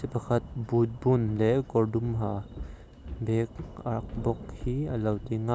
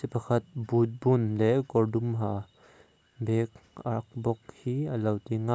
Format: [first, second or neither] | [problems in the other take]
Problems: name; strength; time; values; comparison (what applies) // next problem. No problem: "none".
second | background sound (Walk, footsteps + Thunder / Rain); 13 dB below the speech